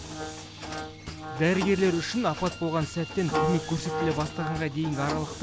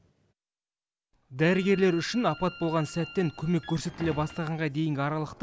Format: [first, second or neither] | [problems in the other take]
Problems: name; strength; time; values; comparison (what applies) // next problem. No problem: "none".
second | background sound (Wind instrument, woodwind instrument + Mechanisms); 6 dB below the speech